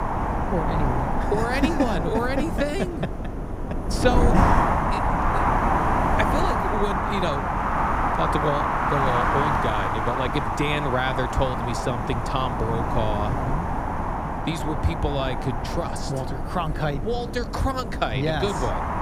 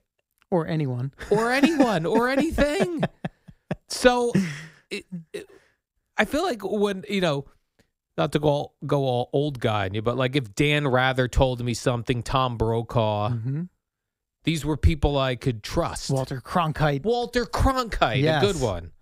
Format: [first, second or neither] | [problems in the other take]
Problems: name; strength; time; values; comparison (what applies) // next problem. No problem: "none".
second | wind noise on the microphone; heavy; 4 dB above the speech